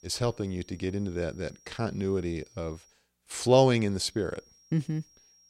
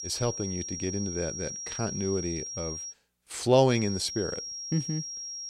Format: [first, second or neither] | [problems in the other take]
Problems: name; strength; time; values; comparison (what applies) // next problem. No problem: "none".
first | high-pitched whine; loud; until 3 s and from 3.5 s on; 5.5 kHz, 6 dB below the speech; faint in the first